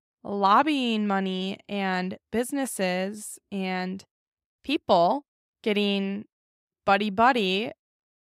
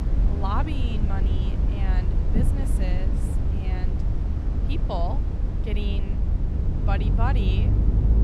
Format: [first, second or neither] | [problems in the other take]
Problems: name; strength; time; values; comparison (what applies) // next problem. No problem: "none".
first | low rumble; loud; throughout; 3 dB below the speech